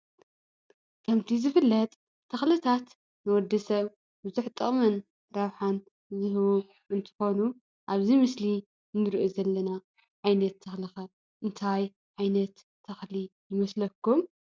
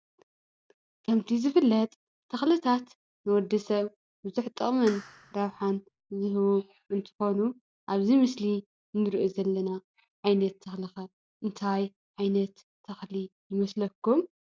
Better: first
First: none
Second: background sound (Clapping); 20 dB below the speech

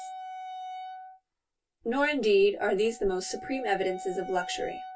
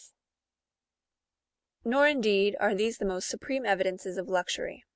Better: second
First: background sound (Wind instrument, woodwind instrument); 12 dB below the speech // room echo; dies away in 0.1 s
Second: none

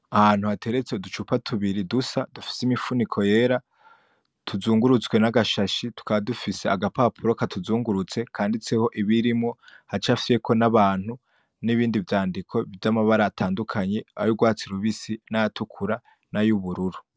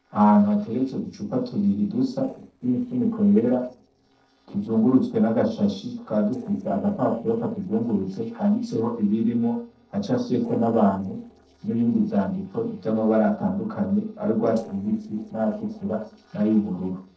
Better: first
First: none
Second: noise reduction (neural separator model SepFormer DNS4)

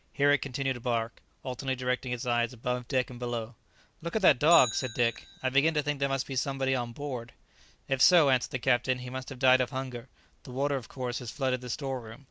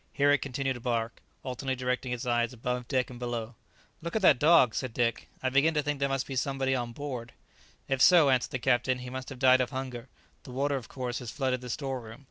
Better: second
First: background sound (Bicycle); 20 dB below the speech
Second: none

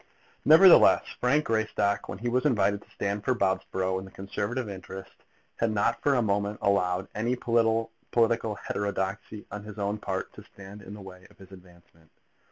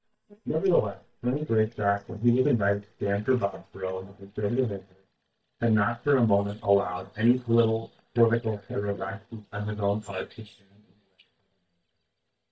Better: first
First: none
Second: noise reduction (neural mask model DeepFilterNet 3)

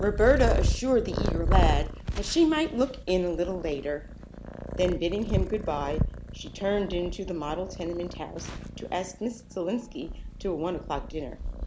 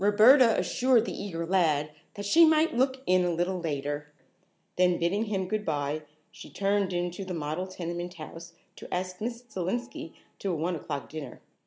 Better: second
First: background sound (Purr); 2 dB below the speech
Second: none

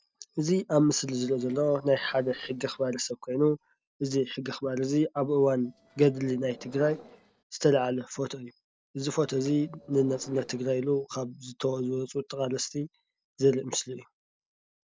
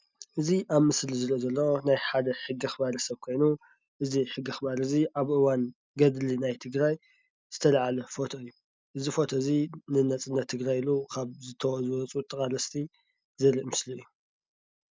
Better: second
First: noise reduction (neural separator model SepFormer DNS4)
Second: none

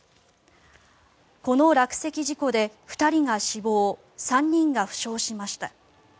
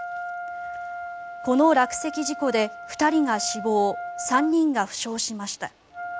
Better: first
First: none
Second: background sound (Wind instrument, woodwind instrument); 11 dB below the speech

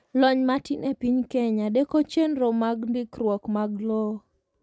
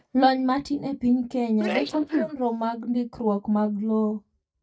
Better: first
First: none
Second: noise reduction (neural mask model DeepFilterNet 3)

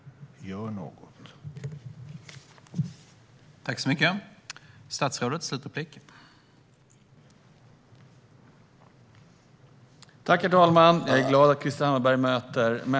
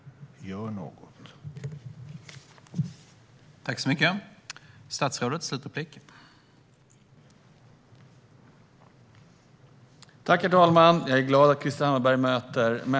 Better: second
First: background sound (Burping, eructation); 5 dB below the speech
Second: none

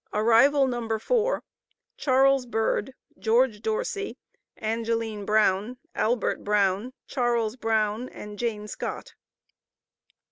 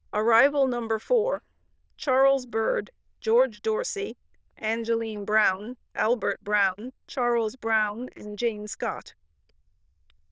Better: first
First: none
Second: noise reduction (neural diffusion model UNIVERSE++)

